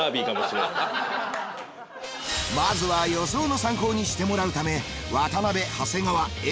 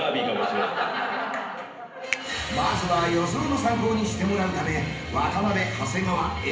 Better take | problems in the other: first | background sound (Finger snapping); 15 dB below the speech // room echo; dies away in 0.8 s

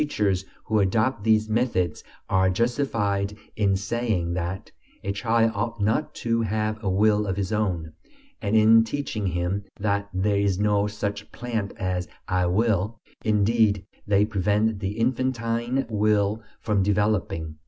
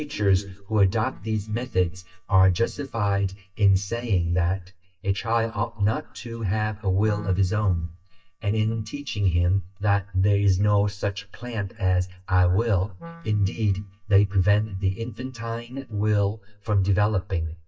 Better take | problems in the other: first | noise reduction (neural mask model DeepFilterNet 3)

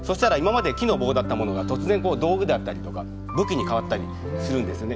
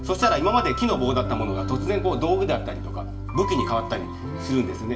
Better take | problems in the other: first | room echo; dies away in 0.5 s

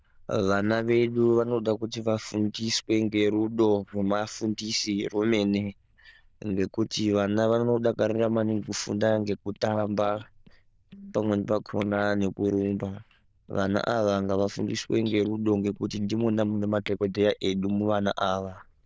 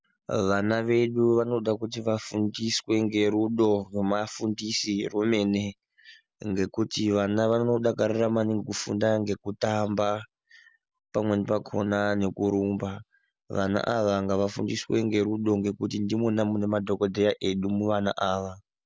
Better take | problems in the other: second | noise reduction (neural diffusion model UNIVERSE++)

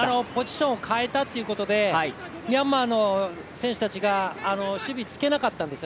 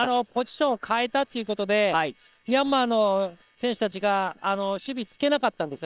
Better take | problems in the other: first | noise reduction (neural separator model SepFormer WHAM!)

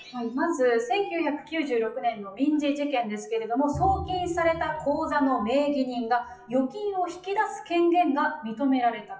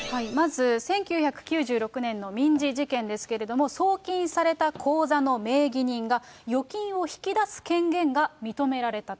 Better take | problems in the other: second | noise reduction (classical method WPE with log-MMSE)

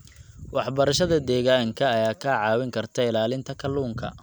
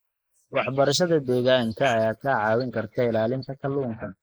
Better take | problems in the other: first | noise reduction (neural mask model Resemble Enhance denoiser)

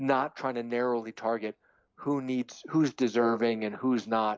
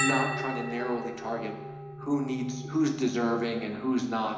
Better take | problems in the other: first | background sound (Bell); 6 dB below the speech // room echo; dies away in 1 s

